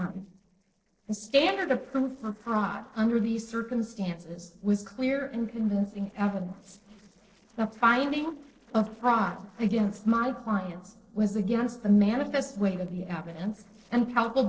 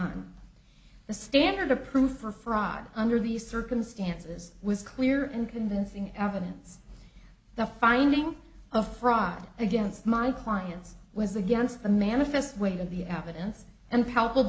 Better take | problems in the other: second | noise reduction (neural separator model SepFormer DNS4)

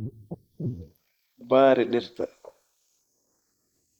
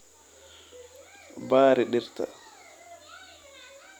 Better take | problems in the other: second | noise reduction (neural mask model Resemble Enhance denoiser)

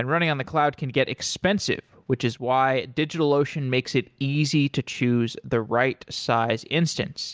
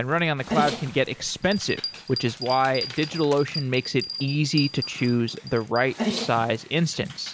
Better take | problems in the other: first | background sound (Dog + Bell); 9 dB below the speech

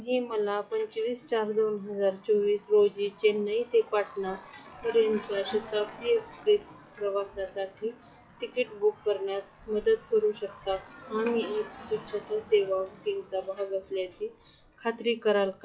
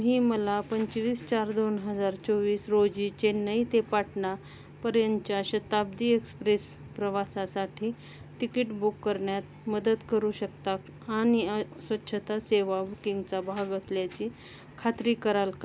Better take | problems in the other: second | noise reduction (classical method WPE with log-MMSE)

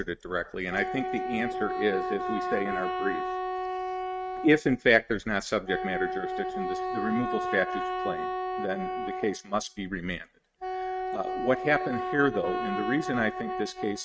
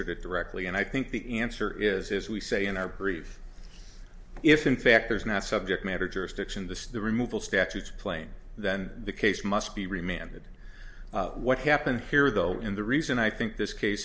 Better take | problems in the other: second | noise reduction (neural mask model RNNoise)

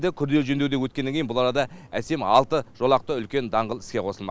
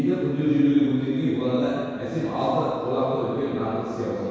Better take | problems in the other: first | room echo; dies away in 2 s

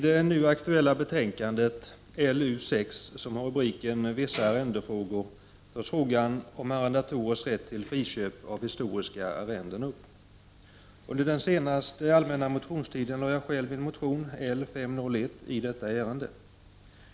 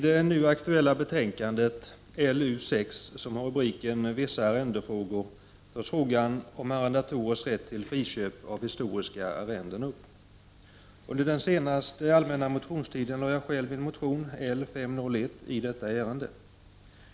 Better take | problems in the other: second | background sound (Tambourine); 16 dB below the speech

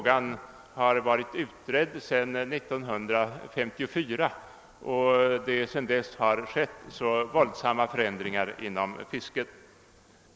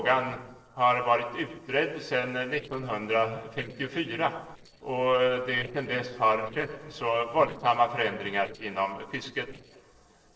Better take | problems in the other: first | noise reduction (neural separator model SepFormer DNS4)

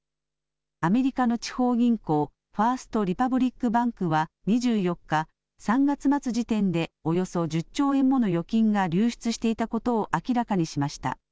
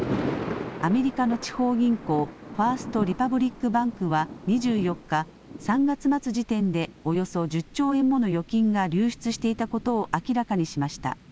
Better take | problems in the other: first | background sound (Thunder); 12 dB below the speech

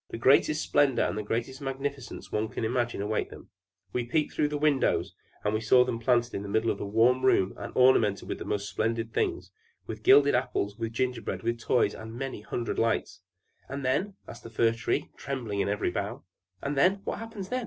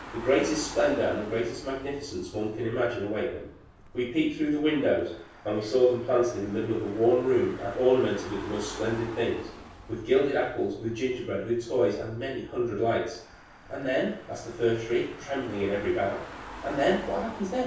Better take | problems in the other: first | background sound (Engine / Car); 17 dB below the speech // room echo; dies away in 0.7 s

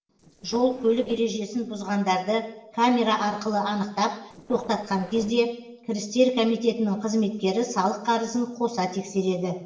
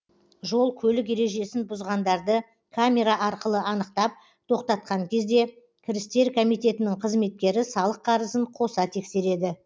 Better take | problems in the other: second | noise reduction (neural separator model SepFormer DNS4)

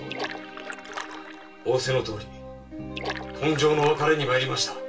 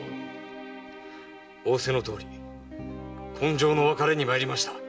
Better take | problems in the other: second | background sound (Splash, splatter); 11 dB below the speech // room echo; dies away in 0.2 s

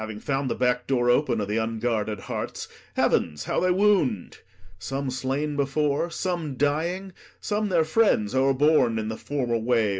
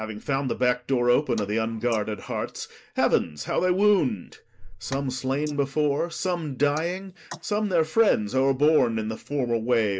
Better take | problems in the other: first | noise reduction (neural mask model Resemble Enhance denoiser)

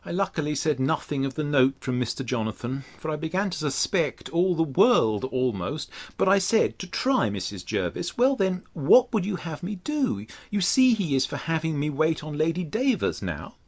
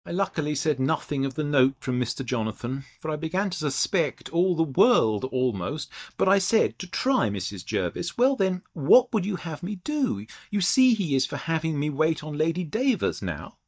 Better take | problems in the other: first | noise reduction (neural mask model DeepFilterNet 3)

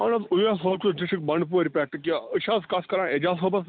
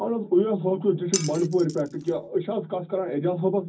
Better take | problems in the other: first | background sound (Glass); 10 dB below the speech // room echo; dies away in 0.4 s

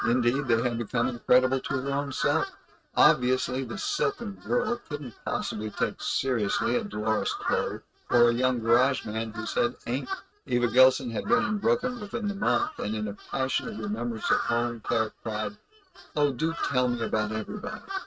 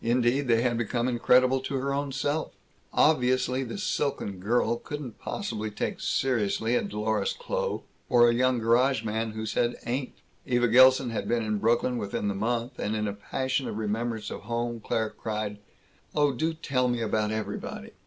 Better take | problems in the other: second | noise reduction (neural mask model RNNoise)

